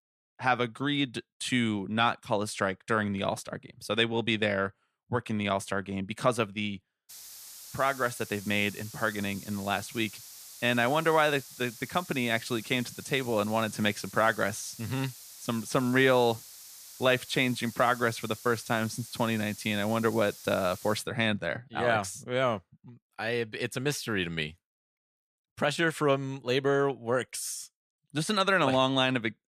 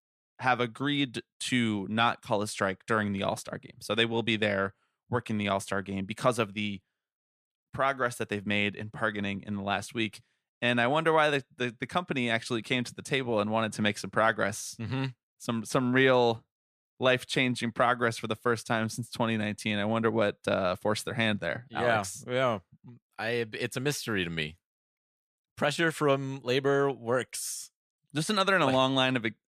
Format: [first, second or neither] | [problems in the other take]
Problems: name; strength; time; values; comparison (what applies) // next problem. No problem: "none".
second | hiss; noticeable; from 7 to 21 s; 15 dB below the speech